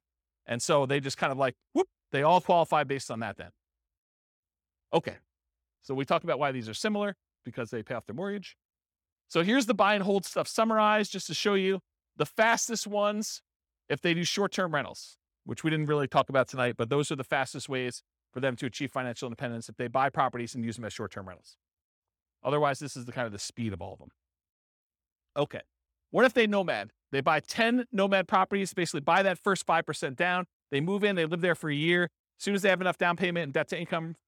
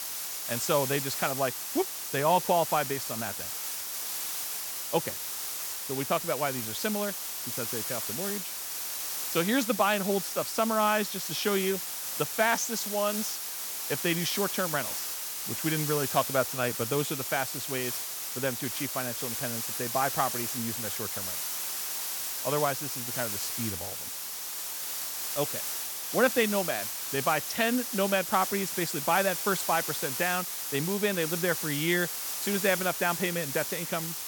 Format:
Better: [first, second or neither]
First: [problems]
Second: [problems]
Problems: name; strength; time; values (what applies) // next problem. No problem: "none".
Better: first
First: none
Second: hiss; loud; throughout; 2 dB below the speech